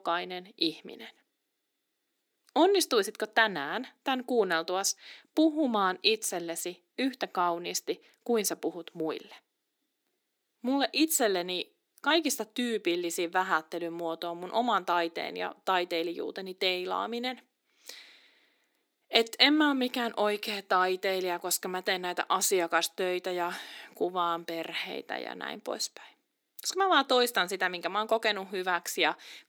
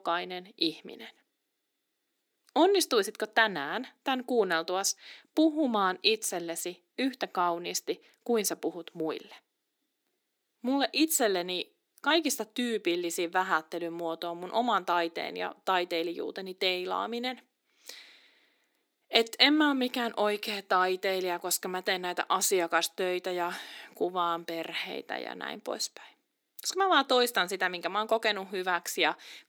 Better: neither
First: thin; somewhat; fading below 300 Hz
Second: thin; somewhat; fading below 300 Hz

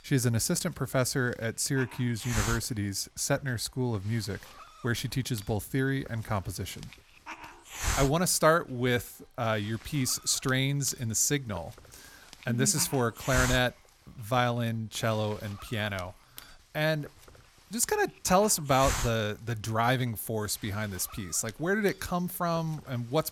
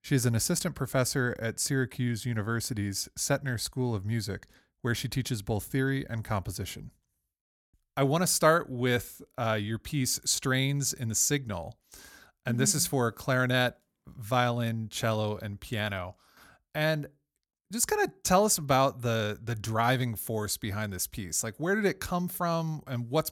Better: second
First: hiss; noticeable; throughout; 10 dB below the speech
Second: none

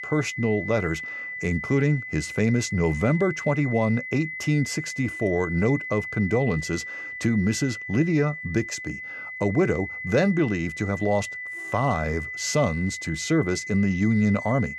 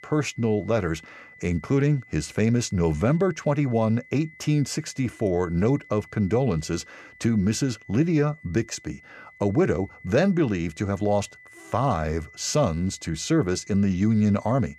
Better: second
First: high-pitched whine; loud; throughout; 2 kHz, 8 dB below the speech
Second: high-pitched whine; faint; throughout; 2 kHz, 25 dB below the speech

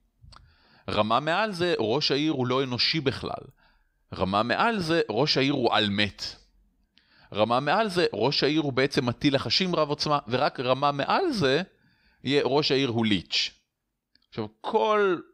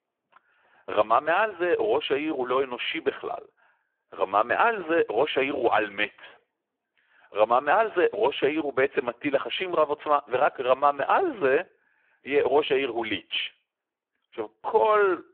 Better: first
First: none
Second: phone-call audio; poor line

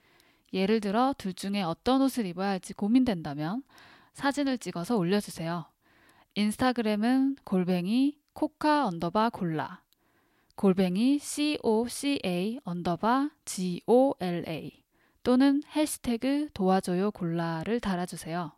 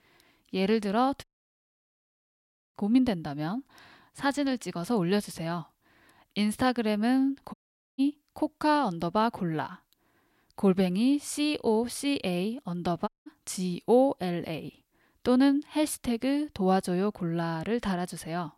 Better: first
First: none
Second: audio cutting out; at 1 s for 1.5 s, at 7.5 s and at 13 s

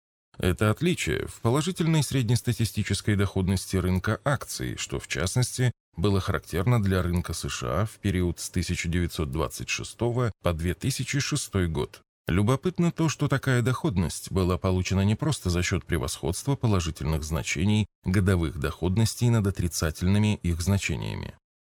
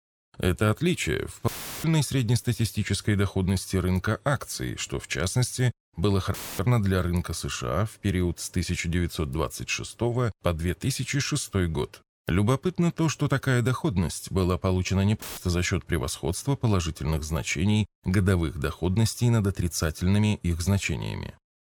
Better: first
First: none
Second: audio cutting out; filled with static; at 1.5 s, at 6.5 s and at 15 s

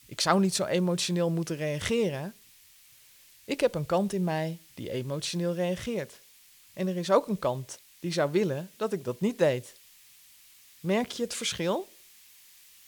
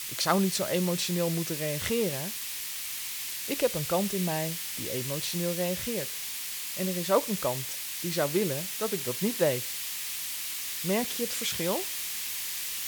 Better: first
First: hiss; faint; throughout; 25 dB below the speech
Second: hiss; loud; throughout; 2 dB below the speech

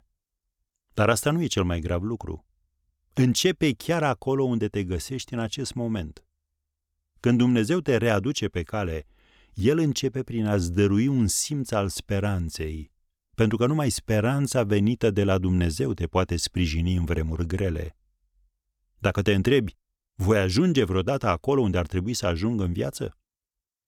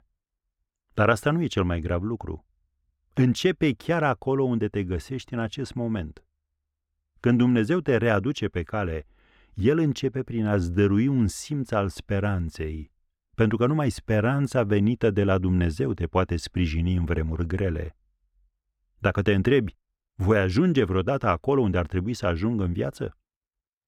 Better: first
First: none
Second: muffled; slightly; fading above 3.5 kHz

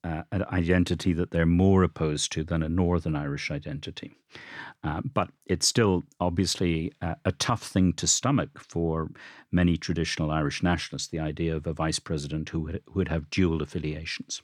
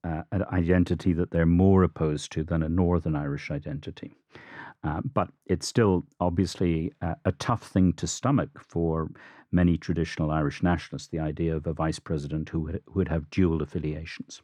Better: first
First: none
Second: muffled; slightly; fading above 2 kHz

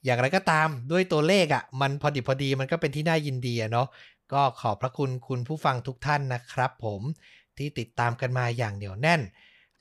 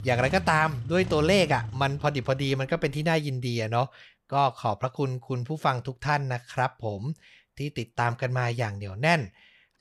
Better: first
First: none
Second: traffic noise; noticeable; until 3 s; 10 dB below the speech

